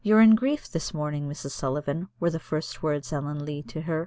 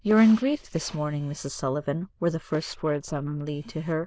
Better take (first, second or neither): first